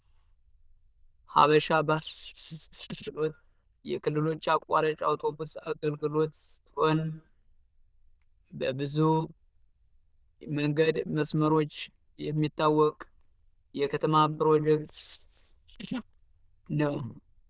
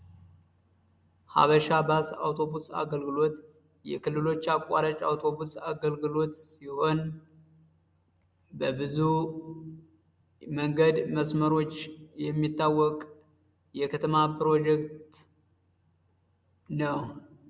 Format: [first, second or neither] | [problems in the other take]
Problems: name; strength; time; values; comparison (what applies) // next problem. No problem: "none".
second | noise reduction (neural diffusion model UNIVERSE++)